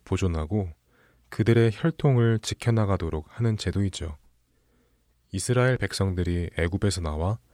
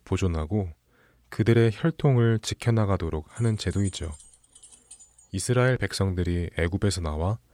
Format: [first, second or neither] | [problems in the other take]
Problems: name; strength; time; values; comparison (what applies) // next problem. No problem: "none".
first | jangling keys; faint; from 3.5 to 5 s; peak 15 dB below the speech